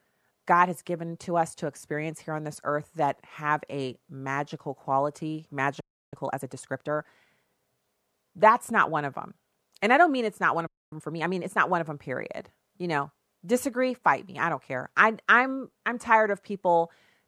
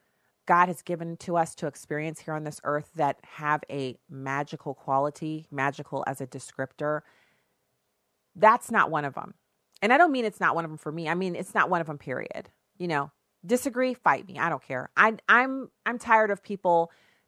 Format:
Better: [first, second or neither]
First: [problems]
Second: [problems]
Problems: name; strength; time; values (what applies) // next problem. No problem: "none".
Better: second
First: audio freezing; at 6 s and at 11 s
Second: none